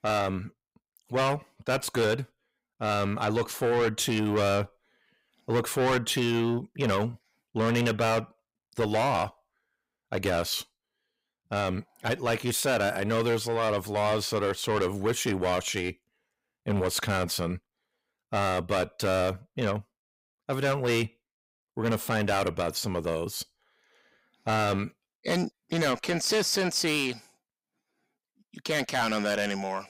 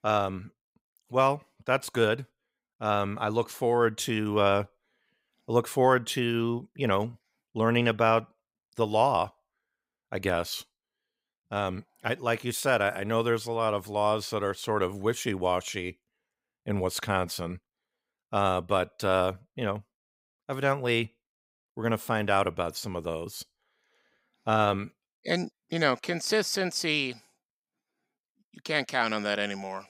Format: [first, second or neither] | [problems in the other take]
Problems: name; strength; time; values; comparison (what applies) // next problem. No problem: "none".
second | distortion; heavy; 6 dB below the speech